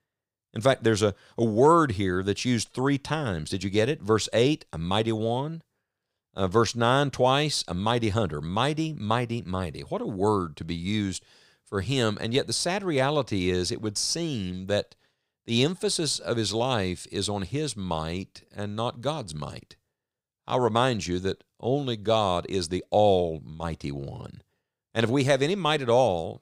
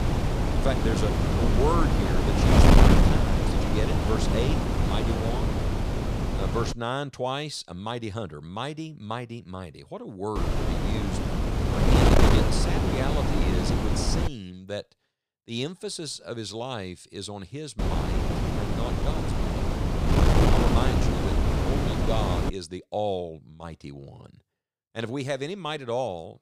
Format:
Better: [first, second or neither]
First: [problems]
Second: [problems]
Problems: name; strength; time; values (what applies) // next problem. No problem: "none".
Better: first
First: none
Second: wind noise on the microphone; heavy; until 6.5 s, from 10 to 14 s and from 18 to 23 s; 4 dB above the speech